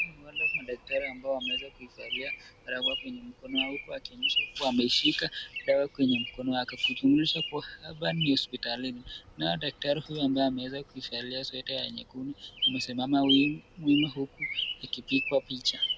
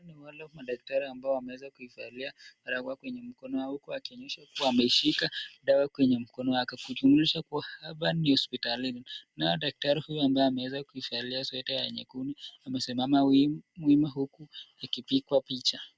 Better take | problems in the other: second | background sound (Bird vocalization, bird call, bird song); 5 dB below the speech

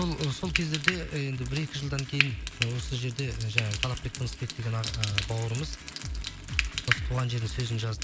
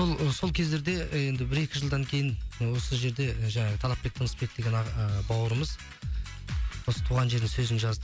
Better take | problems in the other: second | background sound (Frying (food)); 4 dB below the speech

